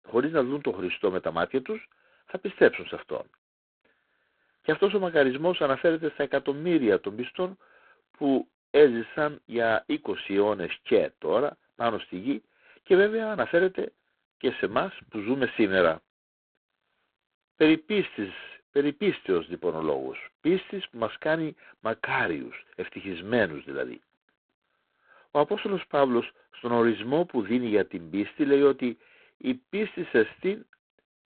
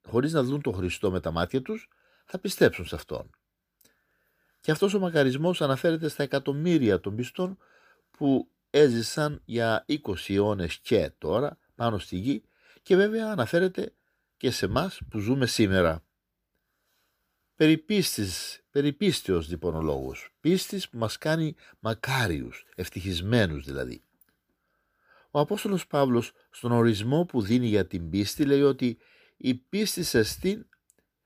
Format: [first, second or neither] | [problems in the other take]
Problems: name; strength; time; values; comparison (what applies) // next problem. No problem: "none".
second | phone-call audio; poor line; nothing above 3.5 kHz